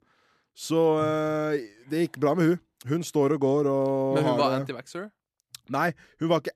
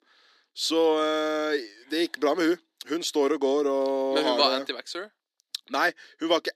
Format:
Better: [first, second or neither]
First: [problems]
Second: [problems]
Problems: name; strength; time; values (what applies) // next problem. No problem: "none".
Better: first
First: none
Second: thin; very slightly; fading below 300 Hz